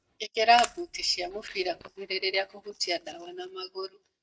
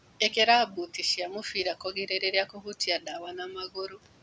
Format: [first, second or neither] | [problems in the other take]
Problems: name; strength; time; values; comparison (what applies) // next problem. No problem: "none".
second | noise reduction (neural mask model DeepFilterNet 3)